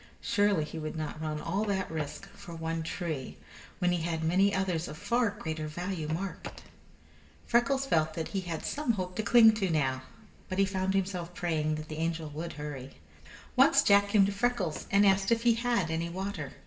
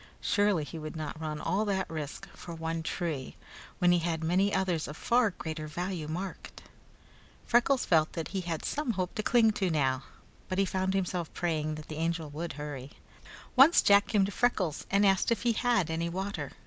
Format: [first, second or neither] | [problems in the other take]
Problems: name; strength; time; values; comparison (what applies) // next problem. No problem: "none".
second | background sound (Run); 16 dB below the speech // room echo; dies away in 1.6 s